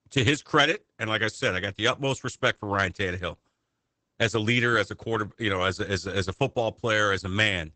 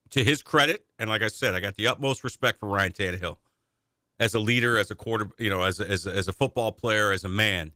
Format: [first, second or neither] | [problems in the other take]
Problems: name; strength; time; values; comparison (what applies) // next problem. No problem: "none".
second | garbled, watery; badly; nothing above 8 kHz; slightly in the second